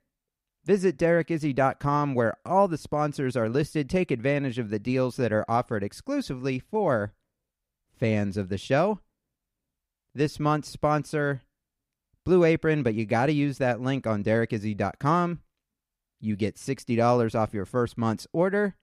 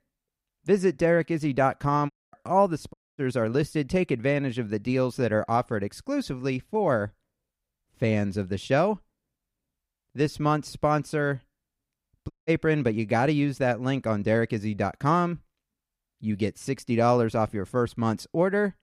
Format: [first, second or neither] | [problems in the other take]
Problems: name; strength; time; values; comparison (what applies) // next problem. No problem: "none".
first | audio cutting out; at 2 s, at 3 s and at 12 s